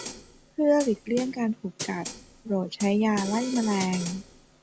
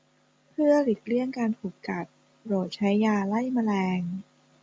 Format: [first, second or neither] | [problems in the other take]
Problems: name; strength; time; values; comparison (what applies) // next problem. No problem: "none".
second | background sound (Snare drum); 12 dB below the speech